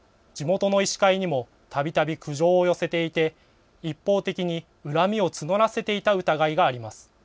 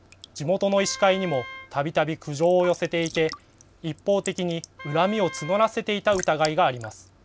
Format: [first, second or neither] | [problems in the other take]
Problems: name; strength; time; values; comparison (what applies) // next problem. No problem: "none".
first | background sound (Raindrop / Drip / Trickle, dribble + Wind instrument, woodwind instrument); 17 dB below the speech